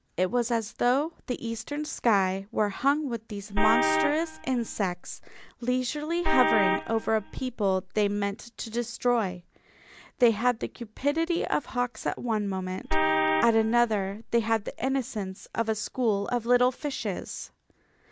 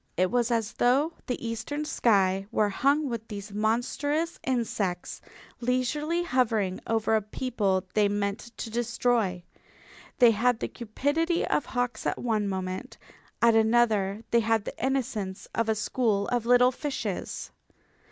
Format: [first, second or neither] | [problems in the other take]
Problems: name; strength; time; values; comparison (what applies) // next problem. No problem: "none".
second | background sound (Vehicle horn, car horn, honking); 1 dB below the speech